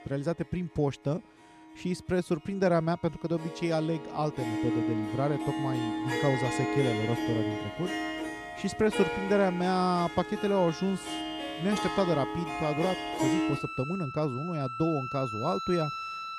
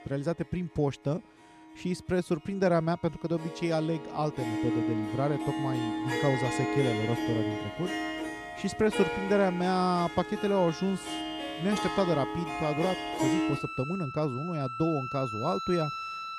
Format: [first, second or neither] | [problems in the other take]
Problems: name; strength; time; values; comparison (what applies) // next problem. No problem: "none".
neither | background music; loud; throughout; 3 dB below the speech; the same in both